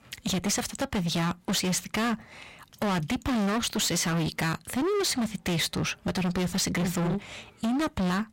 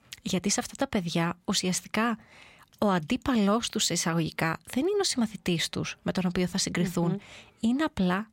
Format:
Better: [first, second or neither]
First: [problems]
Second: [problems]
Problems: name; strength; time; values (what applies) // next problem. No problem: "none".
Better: second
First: distortion; heavy; 29% of the sound clipped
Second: none